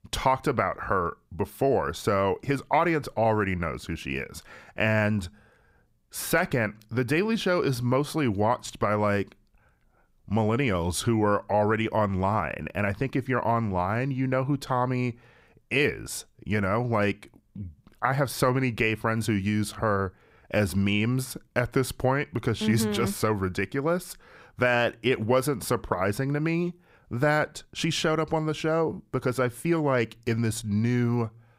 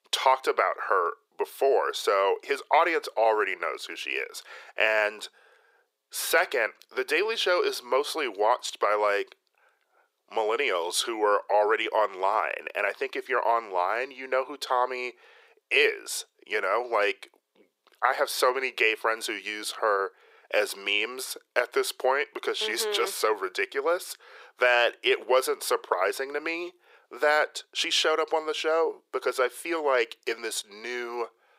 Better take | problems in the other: first | thin; very; fading below 400 Hz

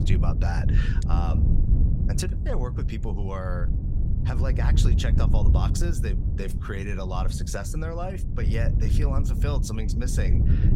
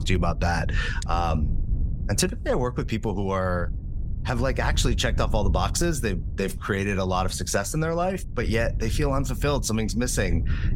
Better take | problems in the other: second | wind noise on the microphone; heavy; 5 dB below the speech; occasional gusts in the second

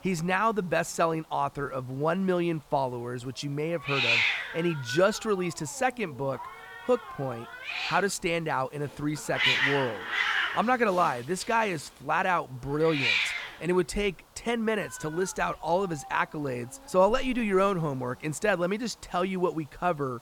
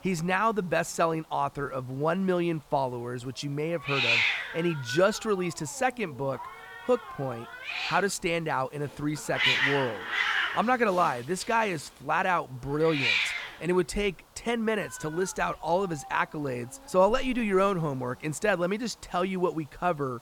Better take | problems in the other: neither | hiss; loud; throughout; as loud as the speech; the same in both

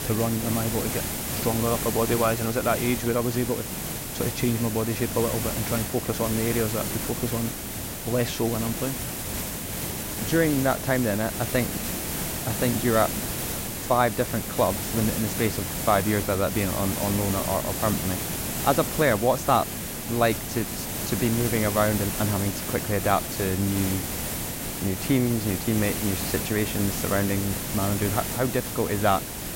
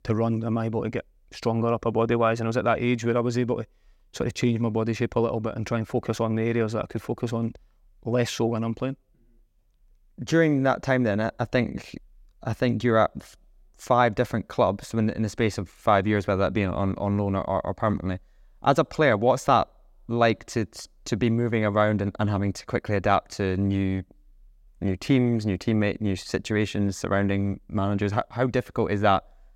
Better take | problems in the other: second | hiss; loud; throughout; 3 dB below the speech

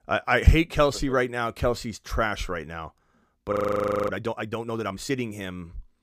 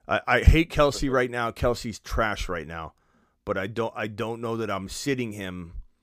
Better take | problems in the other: second | audio freezing; at 3.5 s for 0.5 s

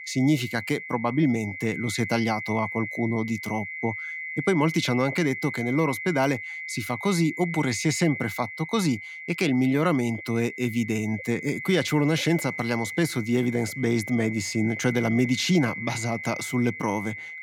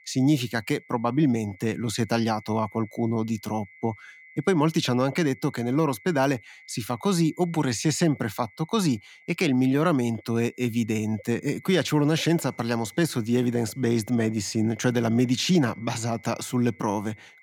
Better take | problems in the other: second | high-pitched whine; loud; throughout; 2 kHz, 8 dB below the speech; faint in the second

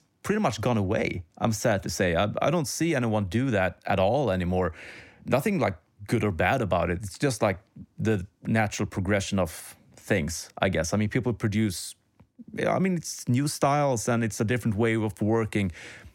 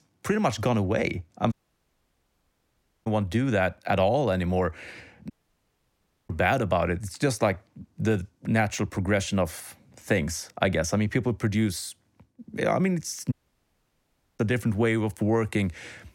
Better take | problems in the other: first | audio cutting out; at 1.5 s for 1.5 s, at 5.5 s for 1 s and at 13 s for 1 s

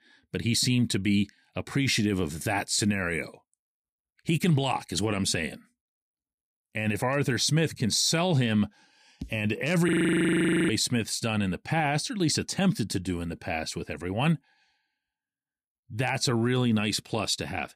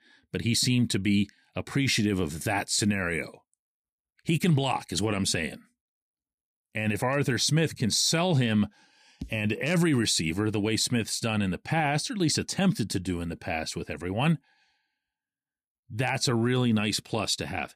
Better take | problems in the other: second | audio freezing; at 10 s for 1 s

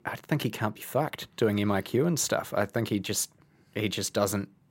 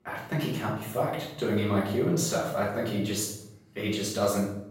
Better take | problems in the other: first | room echo; noticeable; dies away in 0.6 s // off-mic speech; far

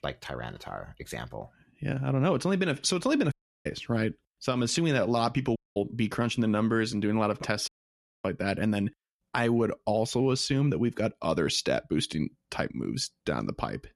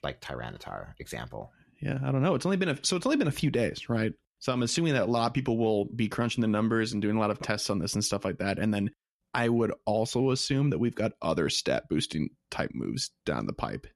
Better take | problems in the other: second | audio cutting out; at 3.5 s, at 5.5 s and at 7.5 s for 0.5 s

